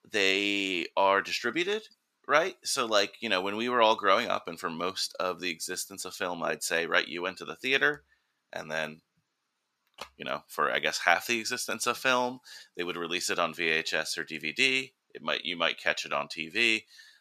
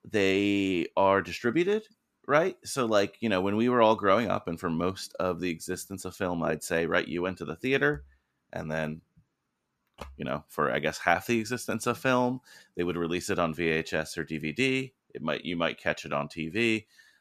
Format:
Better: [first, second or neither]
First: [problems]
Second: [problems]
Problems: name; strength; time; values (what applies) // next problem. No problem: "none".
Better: second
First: thin; somewhat; fading below 850 Hz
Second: none